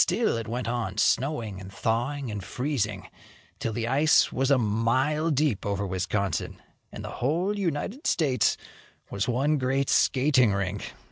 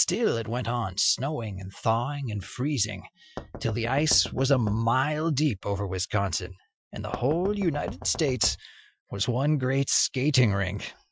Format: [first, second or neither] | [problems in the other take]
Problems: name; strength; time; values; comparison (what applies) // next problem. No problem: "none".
first | noise reduction (classical method Wiener filter)